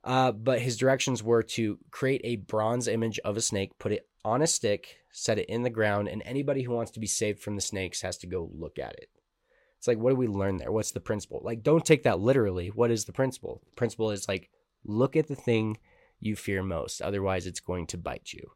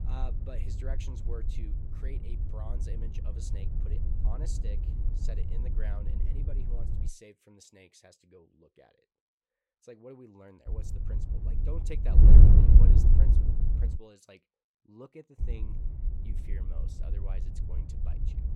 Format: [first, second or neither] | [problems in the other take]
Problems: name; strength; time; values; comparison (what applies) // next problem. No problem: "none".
first | wind noise on the microphone; heavy; until 7 s, from 11 to 14 s and from 15 s on; 5 dB above the speech